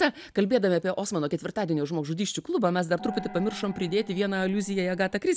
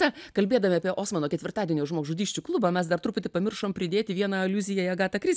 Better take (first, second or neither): second